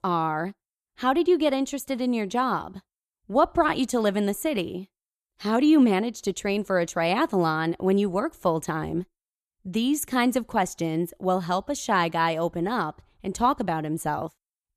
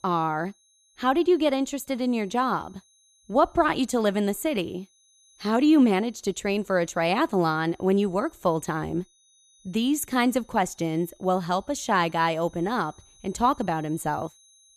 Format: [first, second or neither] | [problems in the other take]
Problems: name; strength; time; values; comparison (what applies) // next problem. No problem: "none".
first | high-pitched whine; faint; throughout; 6.5 kHz, 30 dB below the speech